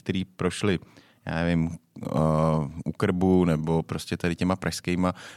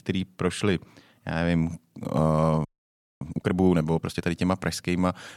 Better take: first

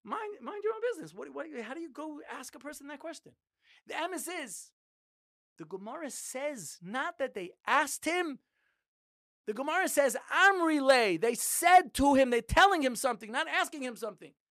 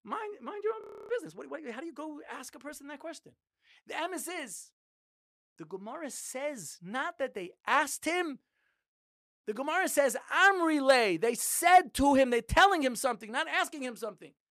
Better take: first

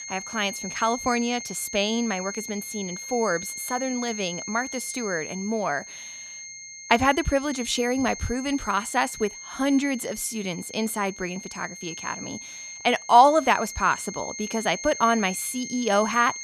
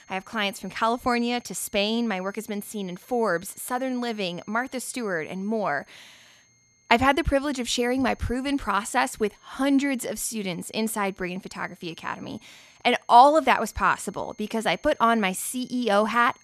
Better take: second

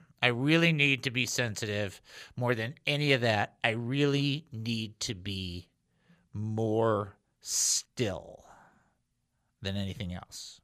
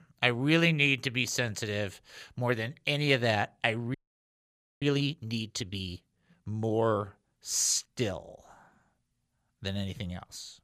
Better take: first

